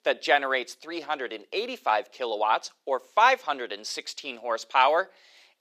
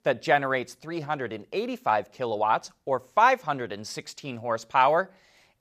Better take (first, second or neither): second